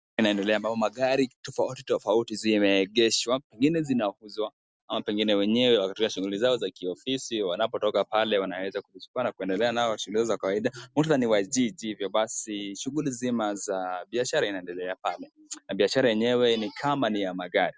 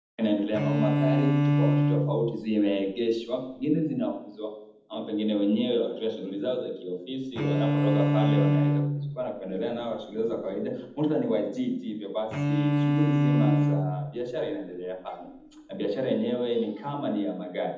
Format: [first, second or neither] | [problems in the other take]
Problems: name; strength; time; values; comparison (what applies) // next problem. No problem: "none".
first | background sound (Bowed string instrument); 3 dB above the speech // room echo; dies away in 0.8 s